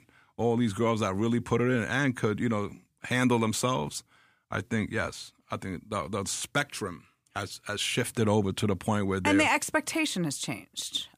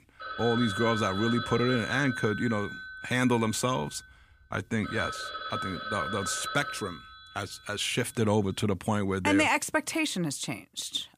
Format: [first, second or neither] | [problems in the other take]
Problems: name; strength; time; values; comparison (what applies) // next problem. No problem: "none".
first | phone ringing; noticeable; until 7 s; peak 3 dB below the speech